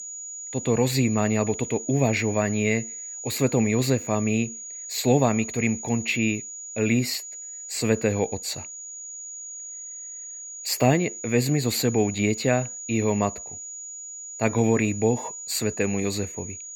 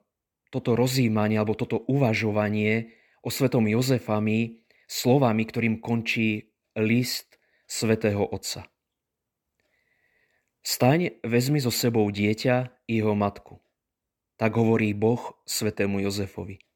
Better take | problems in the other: second | high-pitched whine; loud; throughout; 7 kHz, 10 dB below the speech

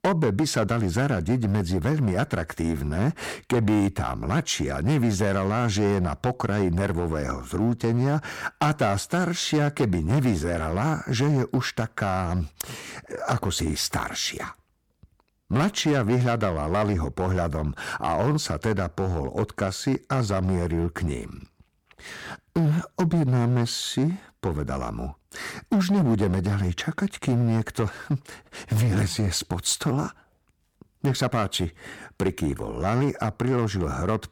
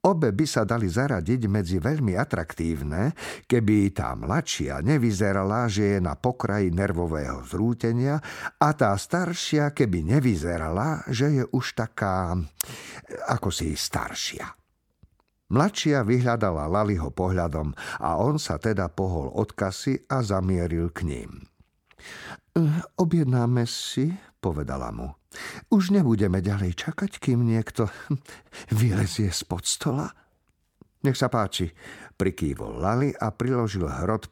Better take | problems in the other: second | distortion; slight; 7% of the sound clipped

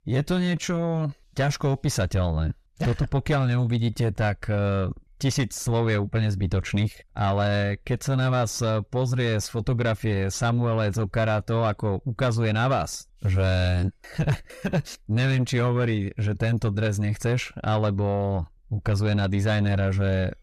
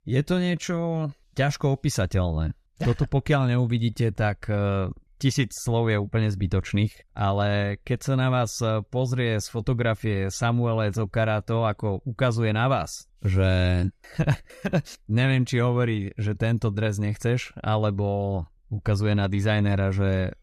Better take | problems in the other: second | distortion; slight; 10 dB below the speech

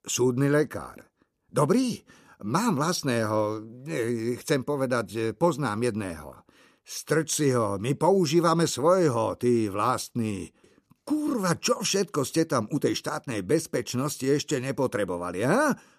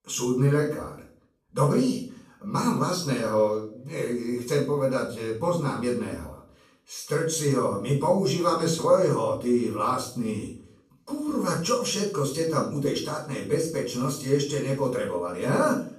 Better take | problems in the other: first | off-mic speech; far // room echo; noticeable; dies away in 0.4 s

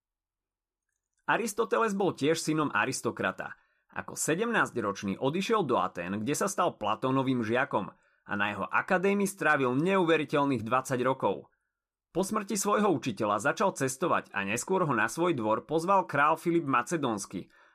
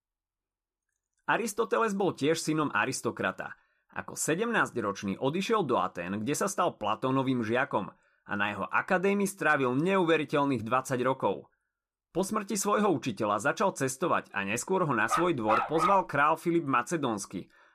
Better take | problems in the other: first | dog barking; loud; at 15 s; peak 1 dB above the speech

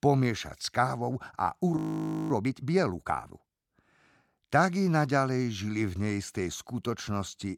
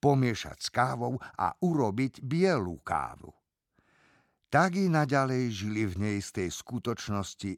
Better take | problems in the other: second | audio freezing; at 2 s for 0.5 s

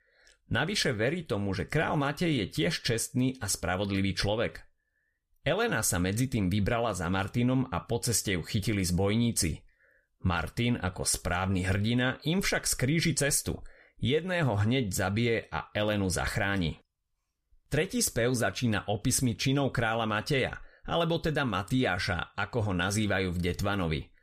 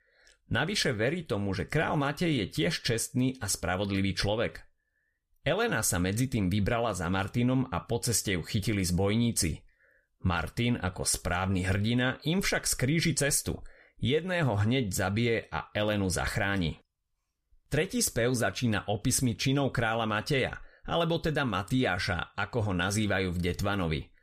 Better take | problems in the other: neither | none

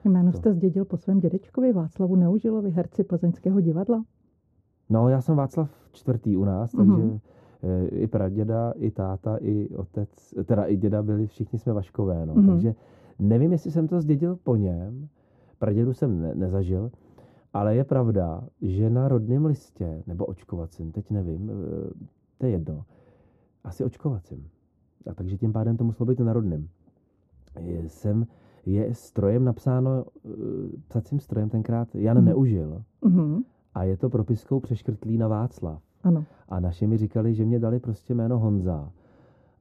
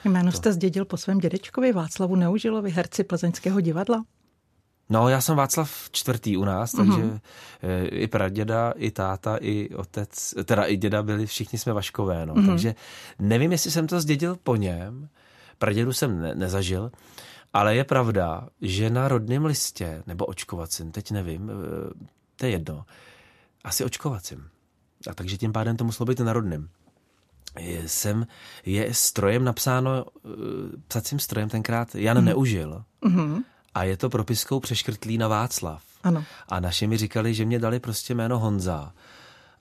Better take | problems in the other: second | muffled; very; fading above 1 kHz

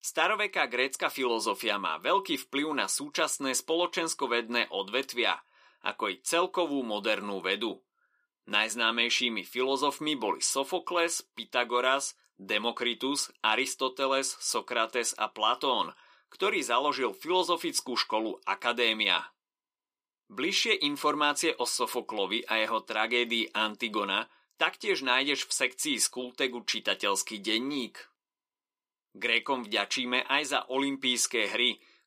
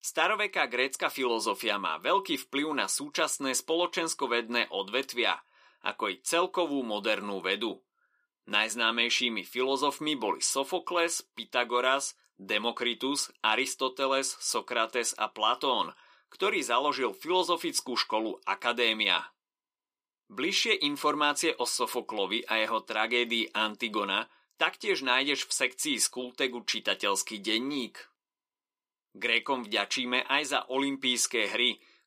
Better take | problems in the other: neither | thin; somewhat; fading below 300 Hz; the same in both

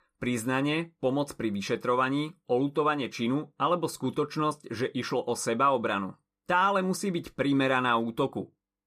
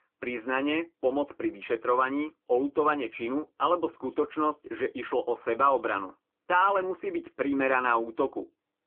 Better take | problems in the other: first | phone-call audio; poor line

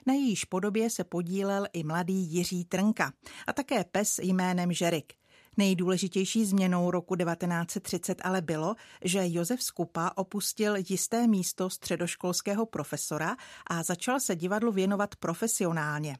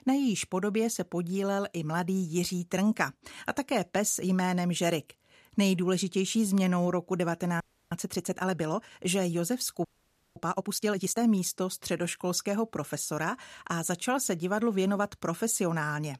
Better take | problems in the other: first | audio freezing; at 7.5 s and at 10 s for 0.5 s

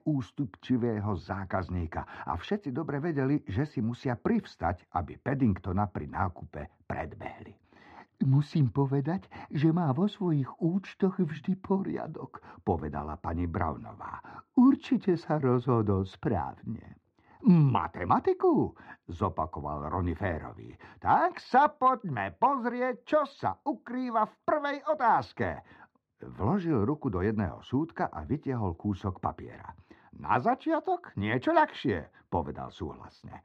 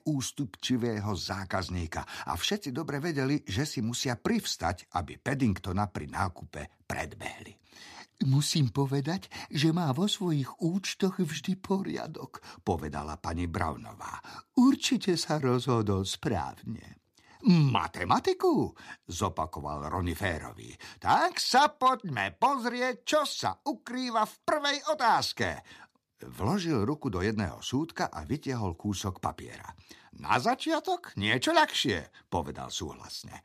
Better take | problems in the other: second | muffled; very; fading above 4 kHz

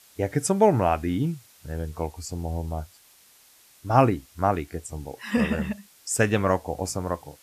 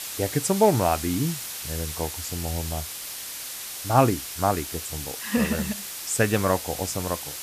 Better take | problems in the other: first | hiss; loud; throughout; 6 dB below the speech; faint in the first

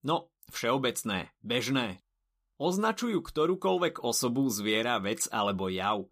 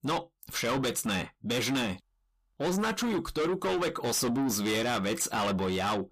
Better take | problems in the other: first | distortion; heavy; 6 dB below the speech

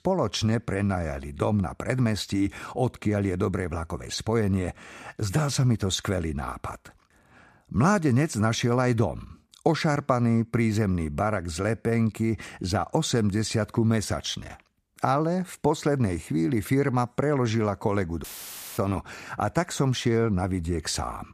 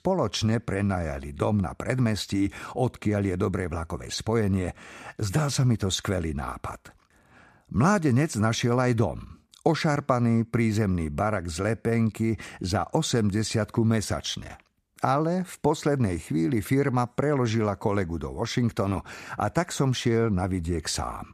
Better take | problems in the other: second | audio cutting out; filled with static; at 18 s for 0.5 s

